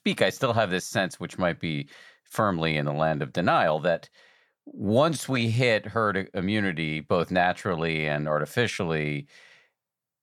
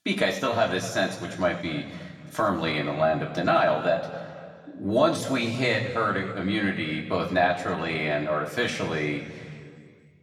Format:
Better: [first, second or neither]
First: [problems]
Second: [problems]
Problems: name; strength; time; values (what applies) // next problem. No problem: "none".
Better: first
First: none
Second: room echo; slight; dies away in 2 s // off-mic speech; somewhat distant